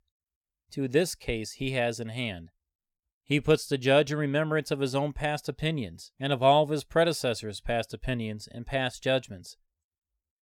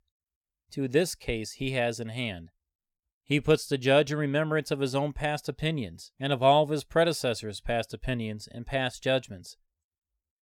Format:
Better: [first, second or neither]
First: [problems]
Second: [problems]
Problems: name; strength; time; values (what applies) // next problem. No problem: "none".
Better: neither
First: none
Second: none